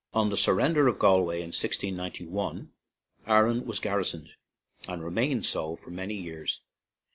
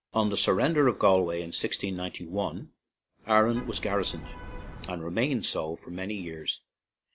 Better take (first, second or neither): first